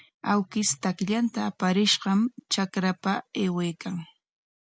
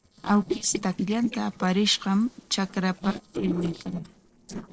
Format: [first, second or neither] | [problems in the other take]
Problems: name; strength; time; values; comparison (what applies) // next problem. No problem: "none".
first | noise reduction (neural separator model SepFormer DNS4)